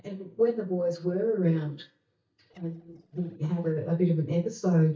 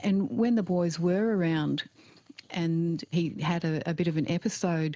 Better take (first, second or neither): second